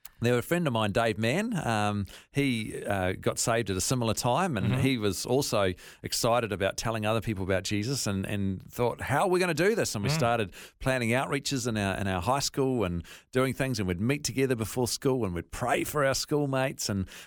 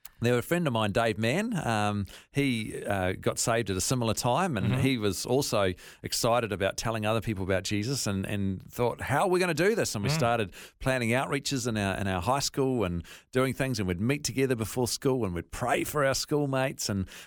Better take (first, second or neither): neither